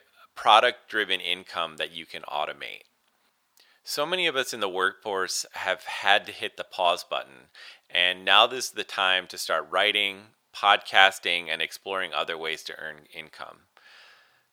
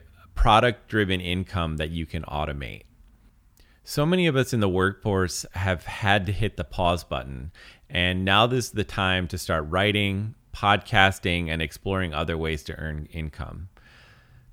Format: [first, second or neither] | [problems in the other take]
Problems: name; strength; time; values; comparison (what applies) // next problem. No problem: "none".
second | thin; very; fading below 650 Hz